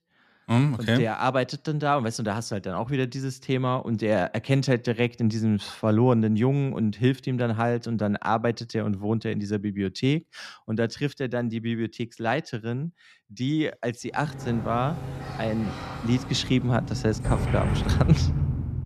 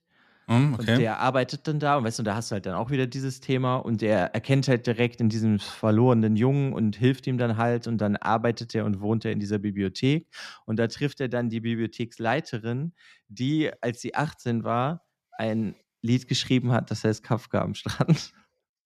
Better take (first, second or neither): second